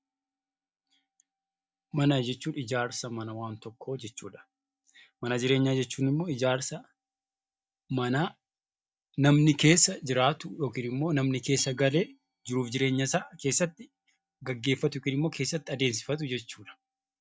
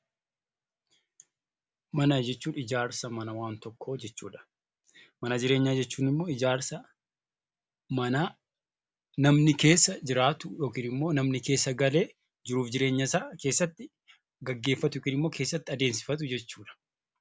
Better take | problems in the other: second | noise reduction (neural mask model DeepFilterNet 3)

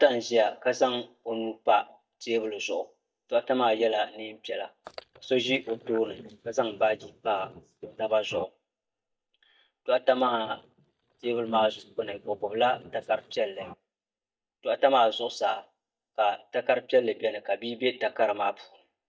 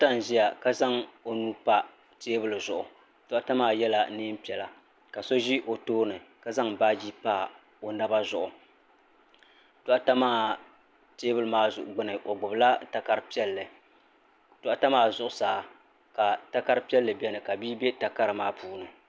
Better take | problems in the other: second | noise reduction (neural mask model DeepFilterNet 3)

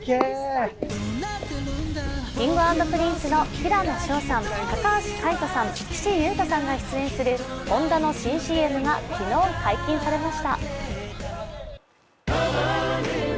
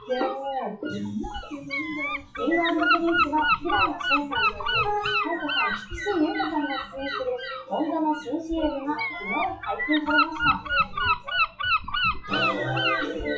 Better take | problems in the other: first | noise reduction (classical method WPE with log-MMSE)

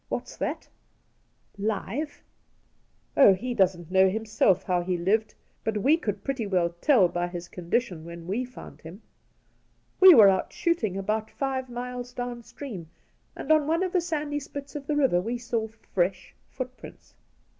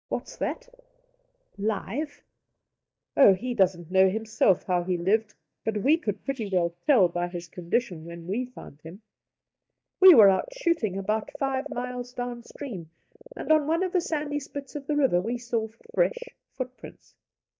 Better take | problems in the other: first | noise reduction (neural mask model DeepFilterNet 3)

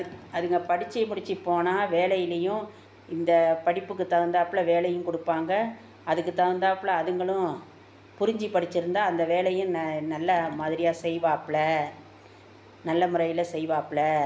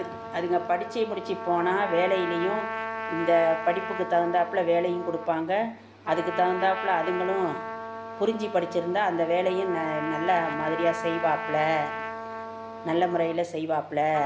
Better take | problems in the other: first | background sound (Trumpet); 8 dB below the speech

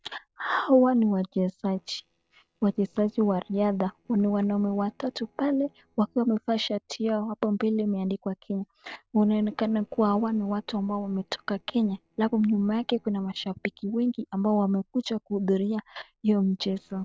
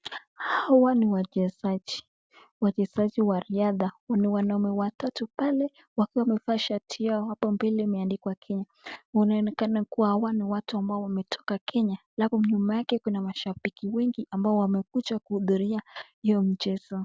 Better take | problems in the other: second | noise reduction (neural separator model SepFormer DNS4)

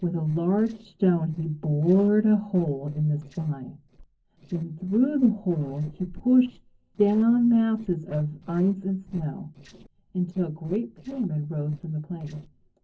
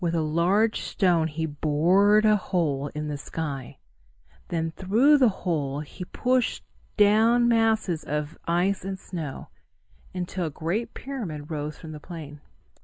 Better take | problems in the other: second | noise reduction (neural separator model SepFormer DNS4)

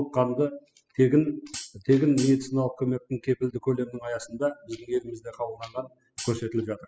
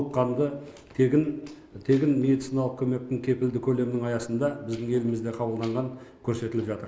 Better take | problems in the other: second | noise reduction (classical method spectral subtraction)

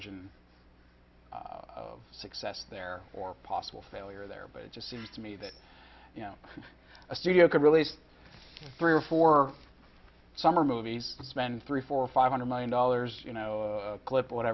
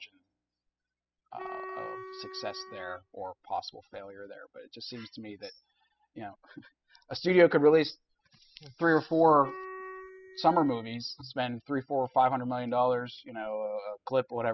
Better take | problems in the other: first | noise reduction (classical method spectral subtraction)

